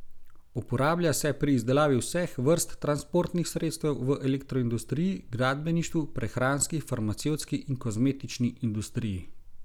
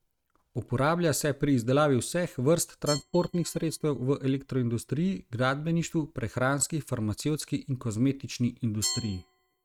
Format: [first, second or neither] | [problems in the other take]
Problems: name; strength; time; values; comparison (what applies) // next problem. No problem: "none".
first | noise reduction (neural mask model RNNoise)